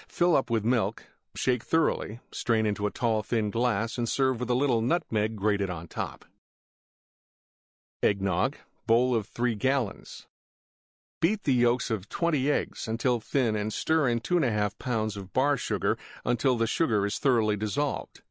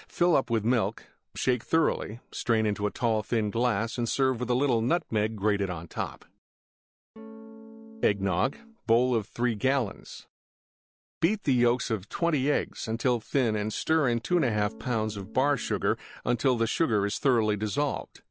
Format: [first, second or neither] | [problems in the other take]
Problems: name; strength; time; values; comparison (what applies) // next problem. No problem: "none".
first | background sound (Electric guitar / Strum); 17 dB below the speech